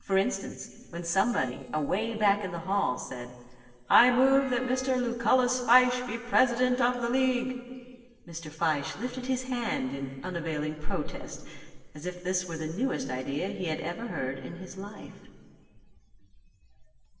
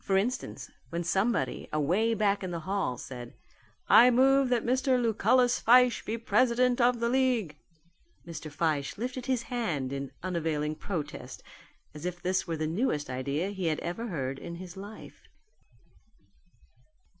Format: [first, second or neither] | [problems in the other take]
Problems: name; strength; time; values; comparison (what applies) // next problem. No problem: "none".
second | noise reduction (neural separator model SepFormer DNS4)